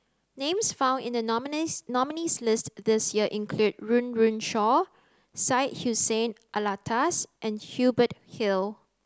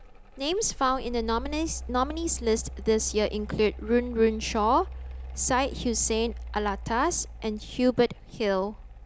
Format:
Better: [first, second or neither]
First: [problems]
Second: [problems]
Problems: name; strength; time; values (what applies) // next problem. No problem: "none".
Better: first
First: none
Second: background sound (Mechanical fan); 11 dB below the speech